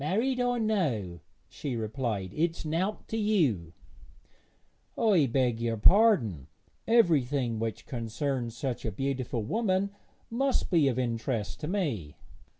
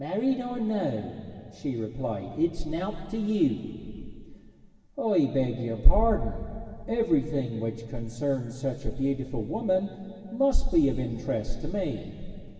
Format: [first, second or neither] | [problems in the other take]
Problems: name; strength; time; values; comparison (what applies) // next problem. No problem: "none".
first | room echo; dies away in 2.4 s